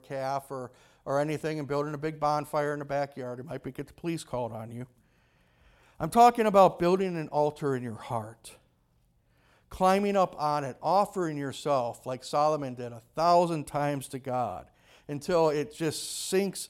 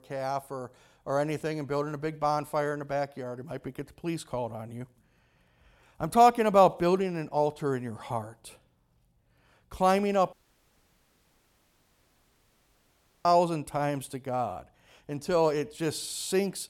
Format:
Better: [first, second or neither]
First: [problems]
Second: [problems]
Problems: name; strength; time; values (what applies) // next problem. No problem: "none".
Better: first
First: none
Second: audio cutting out; at 10 s for 3 s